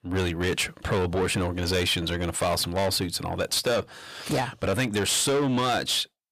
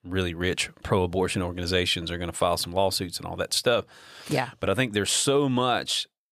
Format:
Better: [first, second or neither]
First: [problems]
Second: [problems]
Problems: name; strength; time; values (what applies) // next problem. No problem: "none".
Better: second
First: distortion; heavy; 8 dB below the speech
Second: none